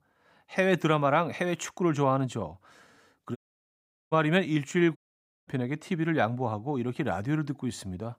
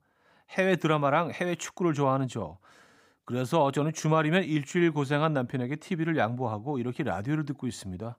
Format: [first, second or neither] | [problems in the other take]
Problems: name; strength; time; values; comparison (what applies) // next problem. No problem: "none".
second | audio cutting out; at 3.5 s for 1 s and at 5 s for 0.5 s